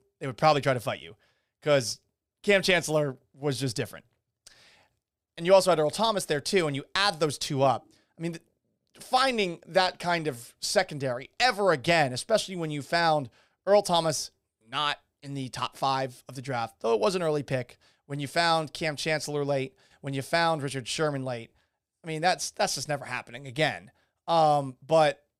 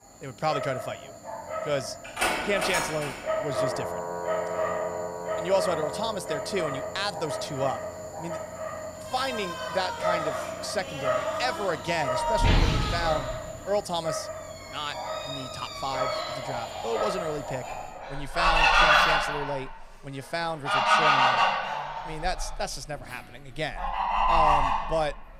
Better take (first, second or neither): first